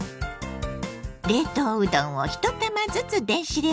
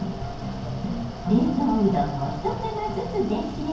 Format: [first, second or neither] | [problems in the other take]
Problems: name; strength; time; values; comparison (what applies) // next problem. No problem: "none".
first | background sound (Mechanical fan); 10 dB below the speech // room echo; dies away in 0.9 s